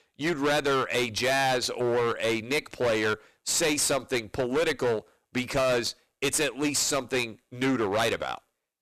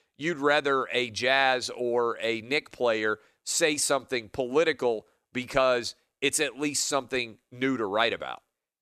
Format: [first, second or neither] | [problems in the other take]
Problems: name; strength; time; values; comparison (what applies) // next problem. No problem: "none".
second | distortion; heavy; 19% of the sound clipped